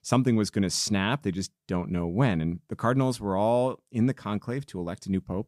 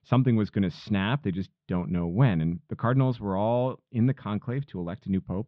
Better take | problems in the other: first | muffled; very; fading above 3.5 kHz

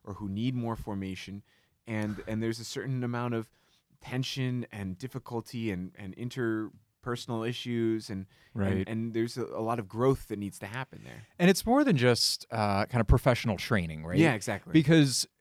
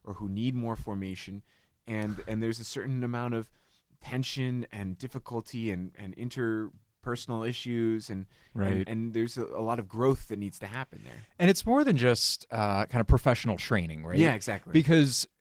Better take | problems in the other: first | garbled, watery; slightly

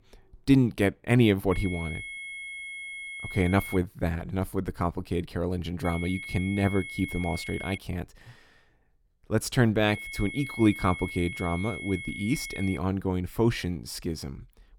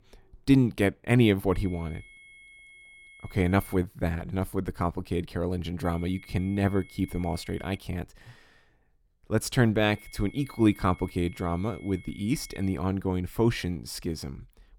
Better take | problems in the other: second | high-pitched whine; loud; from 1.5 to 4 s, from 6 to 8 s and from 10 to 13 s; 2 kHz, 9 dB below the speech; faint in the second

